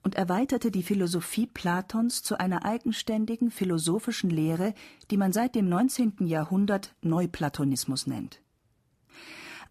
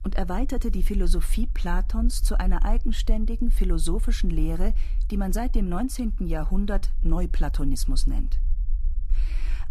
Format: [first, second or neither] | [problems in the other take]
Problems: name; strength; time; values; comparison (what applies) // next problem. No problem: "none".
first | low rumble; faint; throughout; 20 dB below the speech